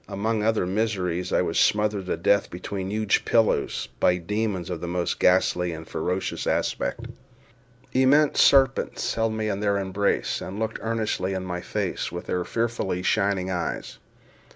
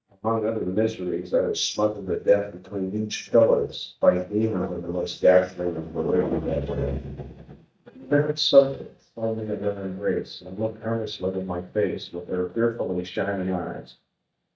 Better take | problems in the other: first | noise reduction (neural mask model DeepFilterNet 3)

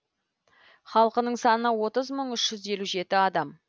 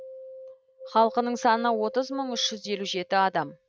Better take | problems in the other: first | noise reduction (neural mask model RNNoise)

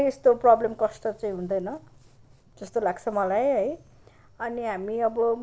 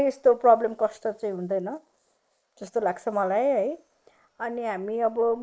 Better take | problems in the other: first | noise reduction (neural mask model Resemble Enhance denoiser)

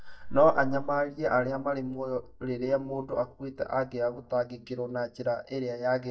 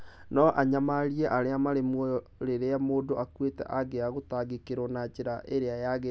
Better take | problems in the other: second | noise reduction (neural mask model DeepFilterNet 3)

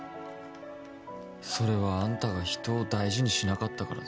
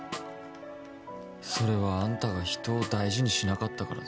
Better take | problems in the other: first | background sound (Snare drum); 16 dB below the speech

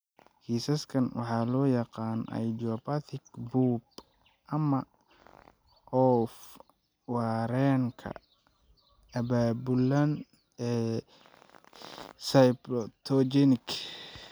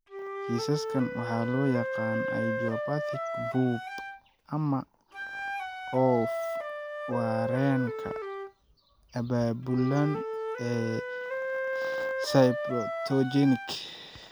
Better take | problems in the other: first | background sound (Wind instrument, woodwind instrument); 4 dB below the speech

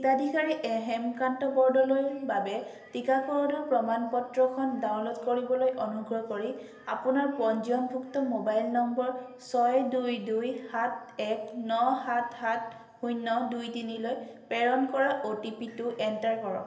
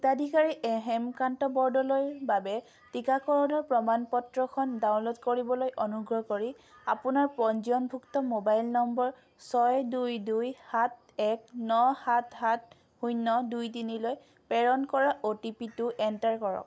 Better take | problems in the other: second | room echo; dies away in 1.4 s

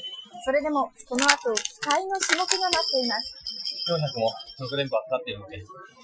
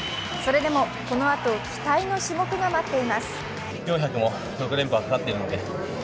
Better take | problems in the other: second | noise reduction (classical method Wiener filter)

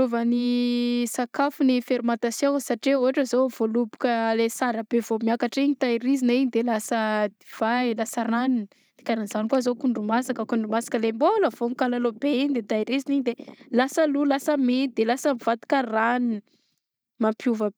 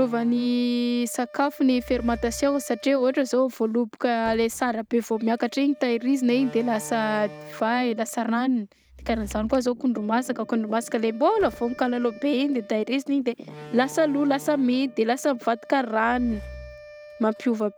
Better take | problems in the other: first | background sound (Wind instrument, woodwind instrument + Slam); 19 dB below the speech

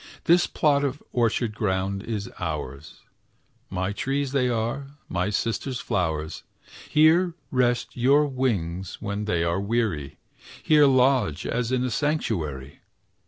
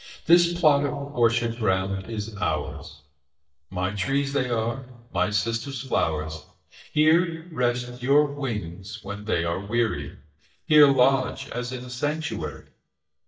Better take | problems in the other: first | noise reduction (neural mask model DeepFilterNet 3)

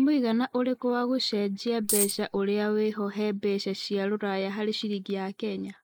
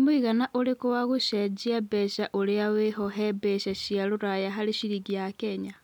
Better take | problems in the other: second | noise reduction (neural mask model Resemble Enhance denoiser)

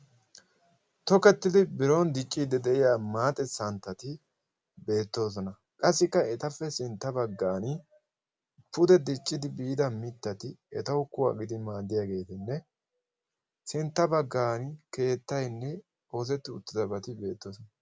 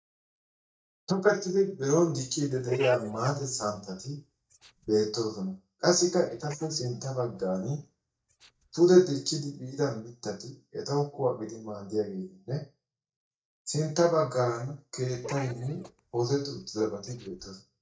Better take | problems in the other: first | noise reduction (neural mask model DeepFilterNet 3)

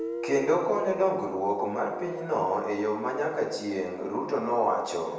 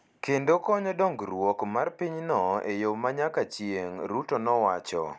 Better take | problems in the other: second | background sound (Guitar); 13 dB below the speech // room echo; dies away in 0.9 s

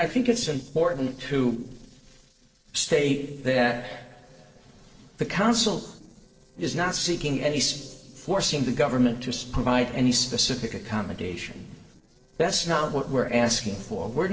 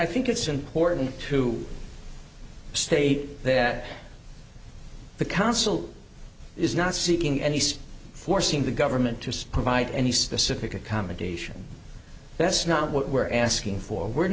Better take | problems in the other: second | noise reduction (neural separator model SepFormer DNS4)

